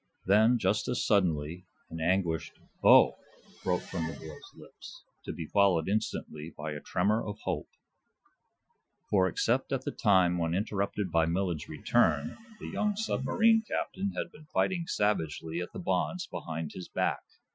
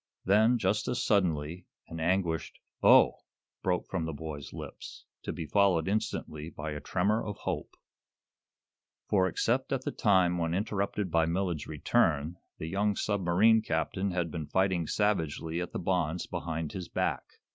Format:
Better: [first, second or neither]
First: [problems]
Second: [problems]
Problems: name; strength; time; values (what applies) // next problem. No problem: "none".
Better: second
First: noise reduction (classical method Wiener filter)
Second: none